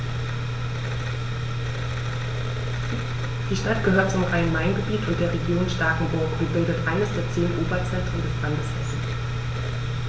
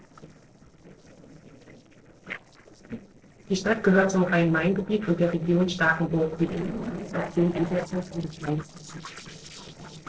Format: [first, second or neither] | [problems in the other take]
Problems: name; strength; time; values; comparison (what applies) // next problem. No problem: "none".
first | noise reduction (neural separator model SepFormer DNS4)